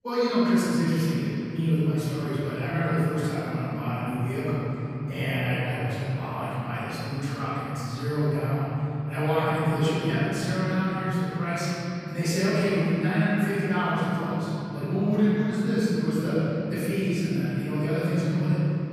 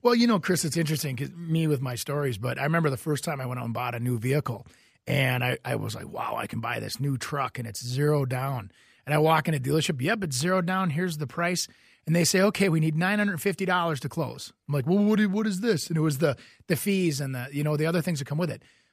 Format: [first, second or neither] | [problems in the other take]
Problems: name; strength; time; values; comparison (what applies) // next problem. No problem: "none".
second | room echo; strong; dies away in 3 s // off-mic speech; far